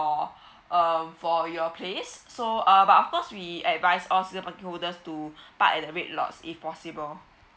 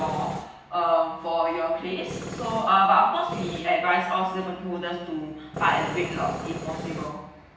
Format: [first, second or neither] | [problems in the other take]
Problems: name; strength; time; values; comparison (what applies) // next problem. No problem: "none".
first | background sound (Tools); 11 dB below the speech // room echo; dies away in 0.9 s